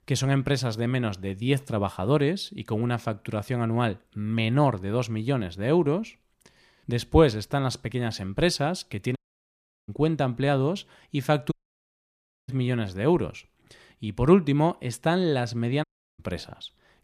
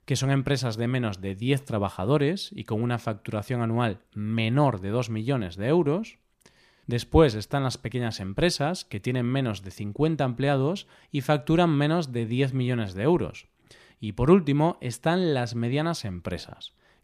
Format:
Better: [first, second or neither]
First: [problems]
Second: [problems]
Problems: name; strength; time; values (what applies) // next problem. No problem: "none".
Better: second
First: audio cutting out; at 9 s for 0.5 s, at 12 s for 1 s and at 16 s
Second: none